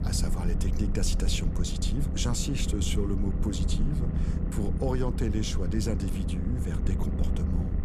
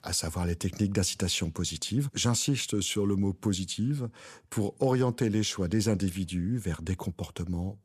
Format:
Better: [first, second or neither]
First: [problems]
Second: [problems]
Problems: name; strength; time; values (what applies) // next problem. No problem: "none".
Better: second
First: low rumble; loud; throughout; 5 dB below the speech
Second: none